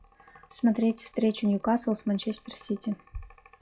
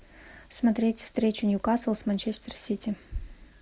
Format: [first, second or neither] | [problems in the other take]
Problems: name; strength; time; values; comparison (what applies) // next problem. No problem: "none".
second | noise reduction (classical method log-MMSE)